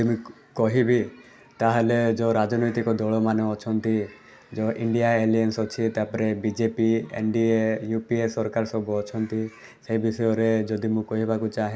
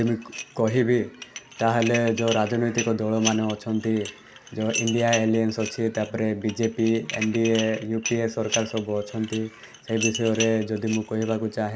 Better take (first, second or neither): first